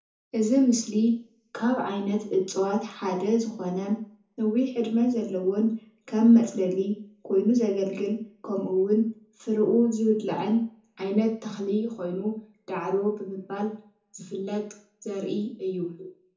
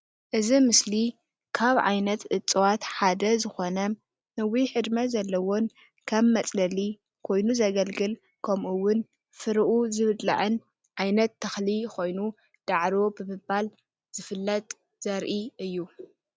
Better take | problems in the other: second | room echo; dies away in 0.5 s

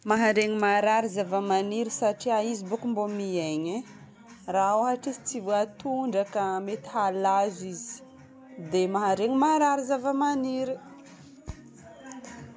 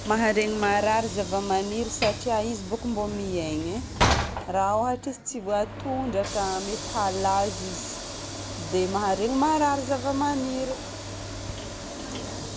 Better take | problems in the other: first | background sound (Sliding door / Train); 6 dB below the speech

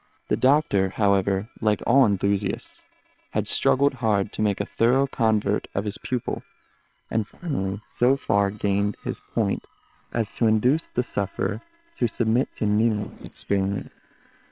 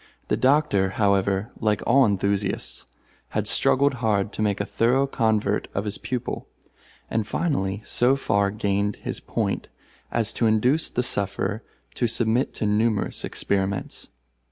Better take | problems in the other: second | noise reduction (neural separator model SepFormer WHAM!)

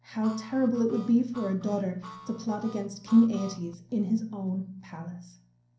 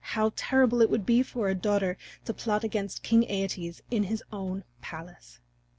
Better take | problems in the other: second | background sound (Harmonica); 19 dB below the speech // room echo; dies away in 0.6 s

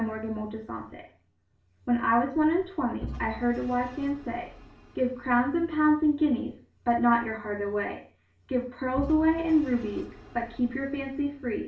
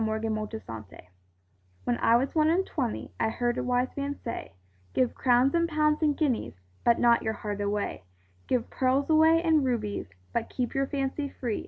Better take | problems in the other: second | background sound (Engine / Vehicle); 18 dB below the speech // room echo; dies away in 0.4 s

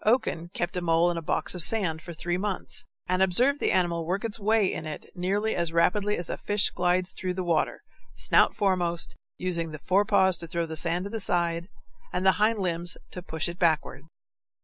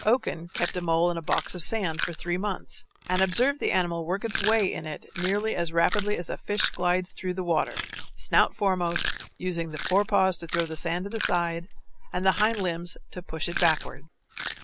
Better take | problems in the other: first | background sound (Chewing, mastication); 11 dB below the speech

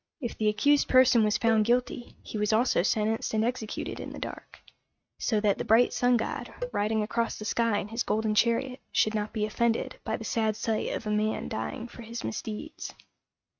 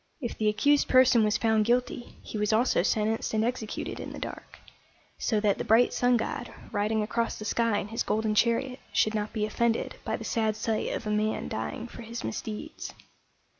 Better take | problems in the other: second | noise reduction (neural mask model RNNoise)

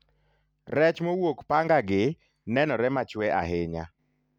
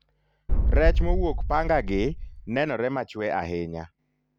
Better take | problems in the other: first | background sound (Boom); 4 dB above the speech

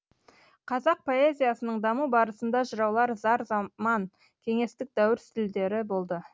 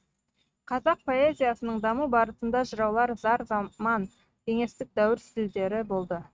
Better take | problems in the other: first | noise reduction (neural mask model RNNoise)

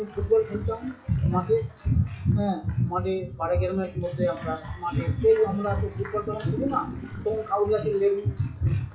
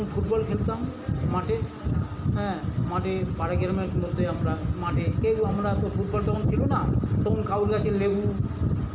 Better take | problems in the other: second | noise reduction (classical method WPE with log-MMSE)

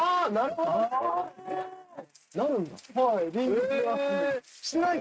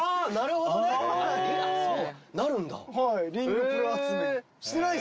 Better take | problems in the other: second | noise reduction (neural mask model RNNoise)

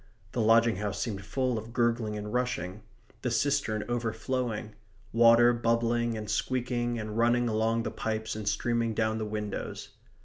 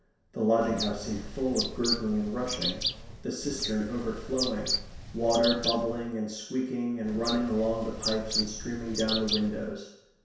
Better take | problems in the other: first | background sound (Bird); 5 dB below the speech // room echo; dies away in 0.7 s

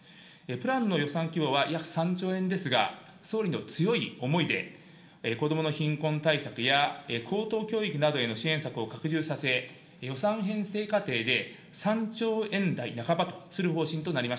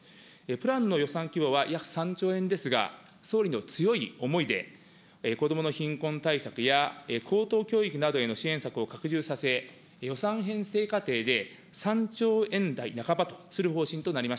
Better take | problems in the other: second | room echo; dies away in 0.7 s

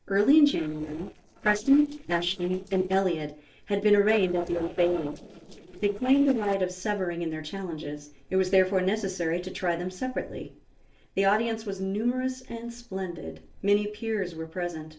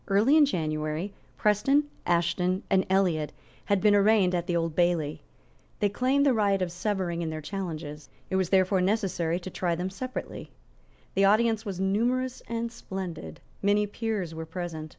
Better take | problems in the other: second | noise reduction (neural separator model SepFormer DNS4)

